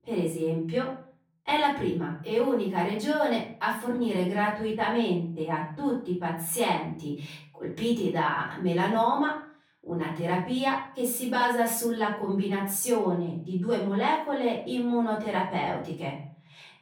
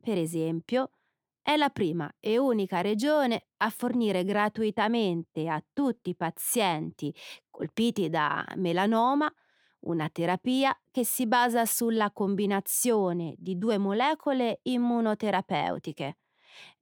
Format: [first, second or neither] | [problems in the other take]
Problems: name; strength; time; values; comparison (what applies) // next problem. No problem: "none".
second | off-mic speech; far // room echo; slight; dies away in 0.5 s